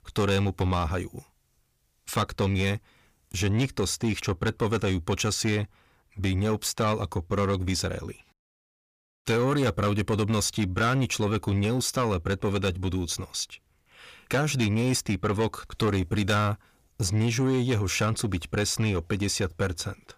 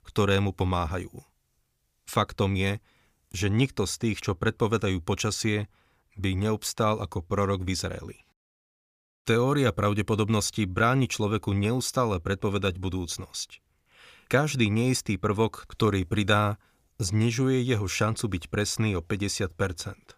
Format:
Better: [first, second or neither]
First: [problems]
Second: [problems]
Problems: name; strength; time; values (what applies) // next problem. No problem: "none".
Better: second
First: distortion; slight; 10 dB below the speech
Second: none